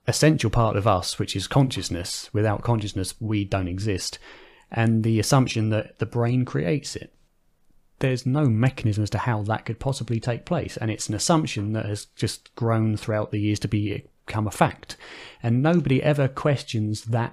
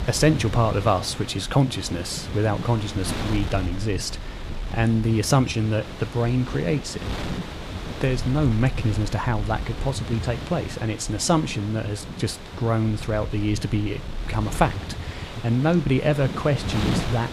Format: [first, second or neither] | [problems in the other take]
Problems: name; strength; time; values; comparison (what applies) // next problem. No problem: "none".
first | wind noise on the microphone; heavy; 9 dB below the speech